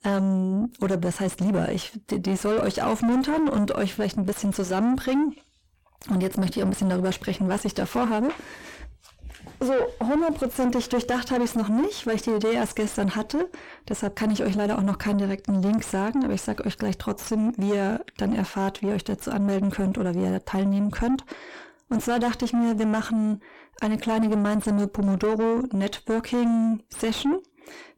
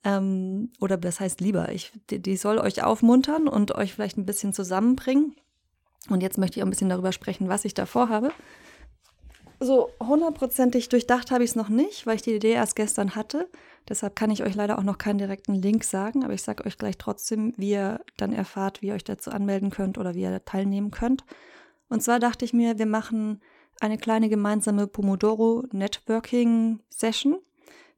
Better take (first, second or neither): second